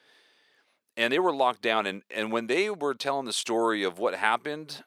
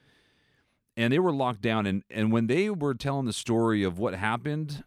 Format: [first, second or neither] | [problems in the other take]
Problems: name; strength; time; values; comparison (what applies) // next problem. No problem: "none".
second | thin; somewhat; fading below 550 Hz